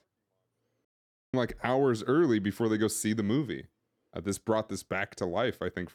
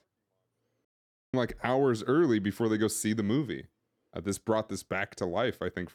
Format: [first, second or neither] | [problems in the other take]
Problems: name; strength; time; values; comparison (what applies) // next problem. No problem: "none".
neither | audio cutting out; at 1 s; the same in both